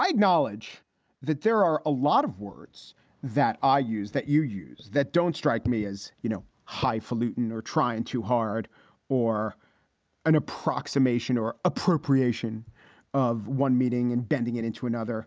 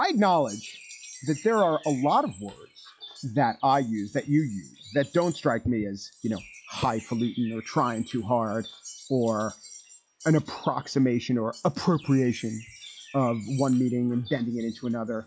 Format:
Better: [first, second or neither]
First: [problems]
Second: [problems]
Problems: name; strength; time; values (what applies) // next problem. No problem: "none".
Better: first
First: none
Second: noise reduction (classical method log-MMSE)